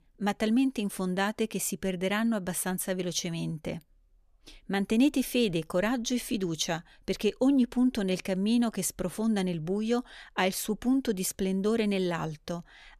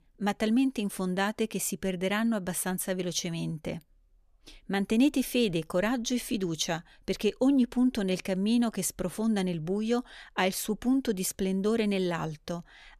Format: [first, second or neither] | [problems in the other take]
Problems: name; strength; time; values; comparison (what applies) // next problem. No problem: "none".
neither | none